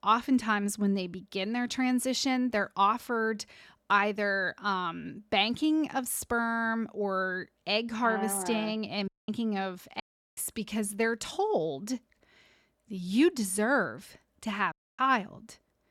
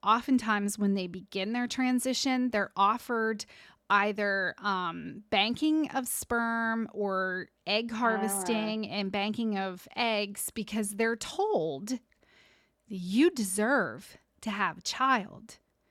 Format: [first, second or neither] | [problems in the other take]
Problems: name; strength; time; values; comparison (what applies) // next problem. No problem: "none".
second | audio cutting out; at 9 s, at 10 s and at 15 s